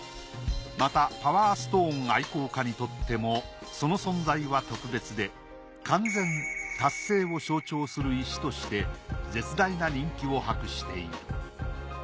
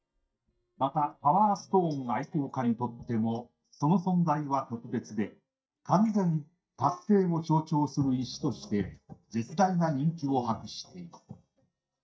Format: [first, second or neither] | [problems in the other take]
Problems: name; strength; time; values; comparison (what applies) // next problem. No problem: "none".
first | noise reduction (neural mask model DeepFilterNet 3)